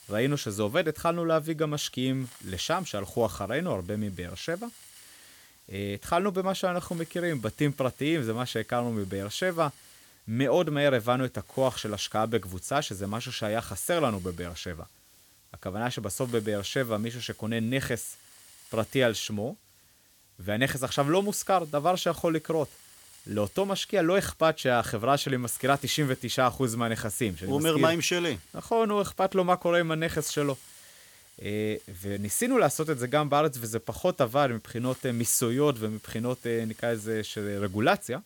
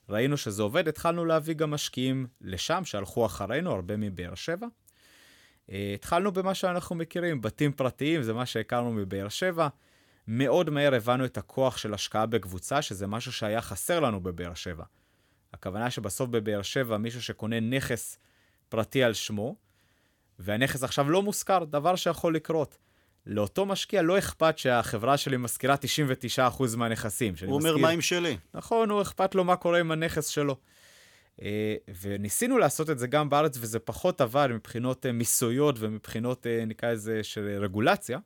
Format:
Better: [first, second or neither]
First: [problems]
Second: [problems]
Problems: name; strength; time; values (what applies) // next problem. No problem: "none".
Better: second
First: hiss; faint; throughout; 25 dB below the speech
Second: none